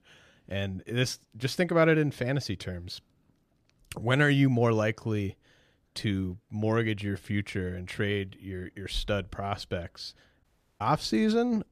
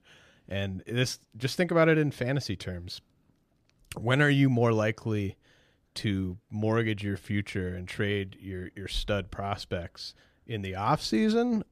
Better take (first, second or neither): second